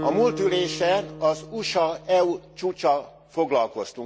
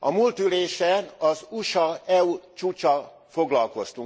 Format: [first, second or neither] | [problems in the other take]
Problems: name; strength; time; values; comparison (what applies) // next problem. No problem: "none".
second | background sound (Acoustic guitar); 13 dB below the speech